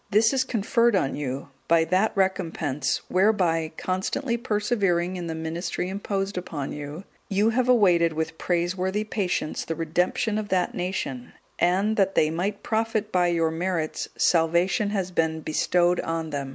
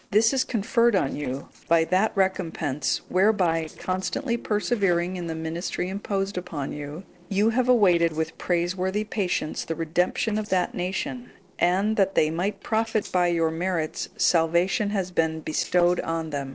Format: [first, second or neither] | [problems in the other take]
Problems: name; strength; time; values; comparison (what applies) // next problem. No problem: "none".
first | noise reduction (neural separator model SepFormer DNS4)